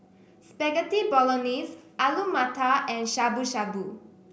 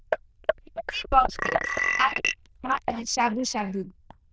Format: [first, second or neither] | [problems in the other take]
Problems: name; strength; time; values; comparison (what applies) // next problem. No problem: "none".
first | noise reduction (neural diffusion model UNIVERSE++)